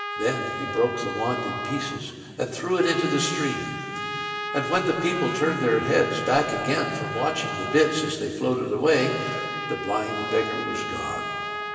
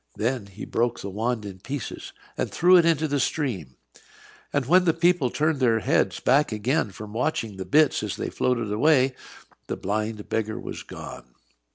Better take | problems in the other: second | background sound (Trumpet); 6 dB below the speech // room echo; dies away in 2.6 s

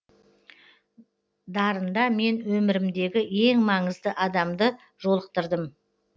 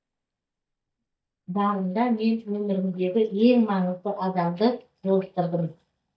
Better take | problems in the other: first | noise reduction (neural mask model DeepFilterNet 3)

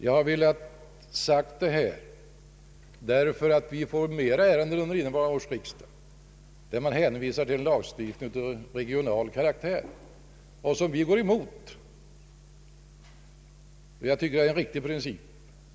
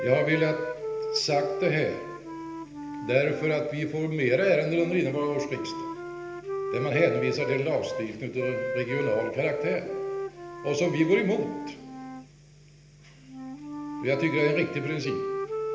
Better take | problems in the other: first | background sound (Wind instrument, woodwind instrument); 6 dB below the speech // room echo; dies away in 0.8 s

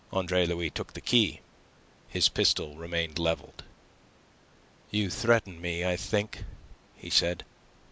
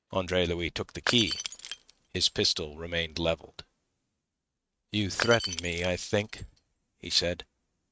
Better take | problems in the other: first | noise reduction (neural mask model RNNoise)

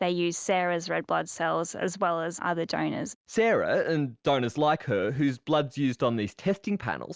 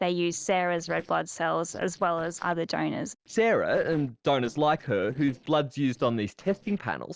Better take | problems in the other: first | noise reduction (neural separator model SepFormer DNS4)

